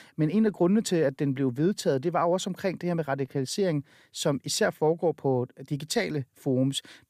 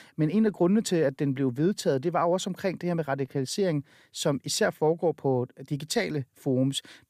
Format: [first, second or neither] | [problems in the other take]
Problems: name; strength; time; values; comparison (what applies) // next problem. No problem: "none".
neither | none